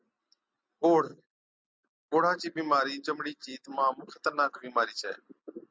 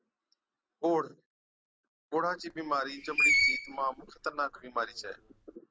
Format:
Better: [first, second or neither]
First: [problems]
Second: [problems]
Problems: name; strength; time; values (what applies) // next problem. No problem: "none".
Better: first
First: none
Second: background sound (Screech); 3 dB above the speech